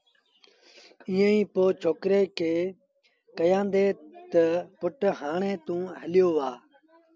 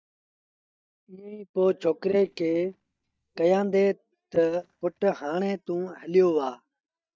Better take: first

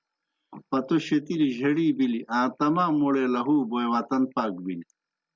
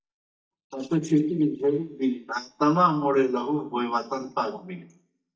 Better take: first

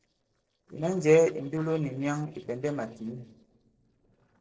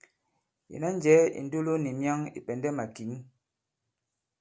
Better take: second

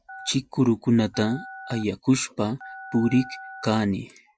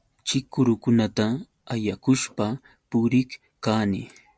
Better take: second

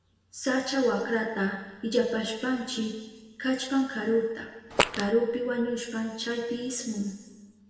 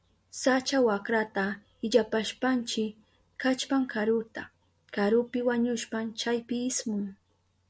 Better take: second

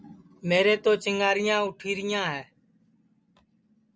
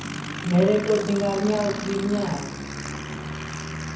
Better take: first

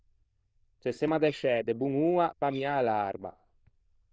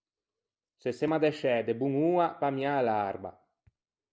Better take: second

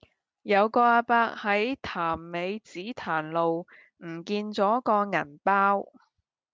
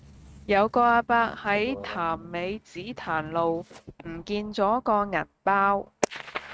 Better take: first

